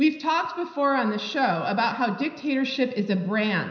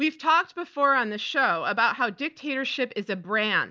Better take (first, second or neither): second